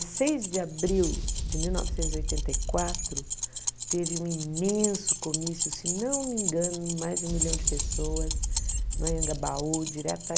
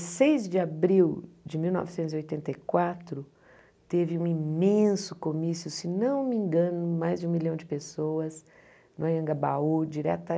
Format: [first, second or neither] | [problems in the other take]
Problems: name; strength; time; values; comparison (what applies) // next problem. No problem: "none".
second | background sound (Keys jangling + Boom); 2 dB above the speech